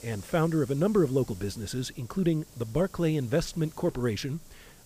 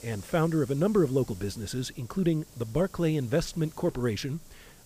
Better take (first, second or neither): neither